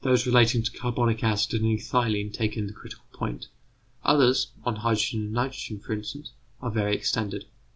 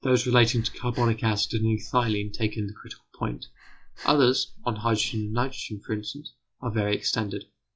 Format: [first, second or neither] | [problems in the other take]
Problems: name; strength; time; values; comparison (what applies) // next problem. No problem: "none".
first | noise reduction (classical method log-MMSE)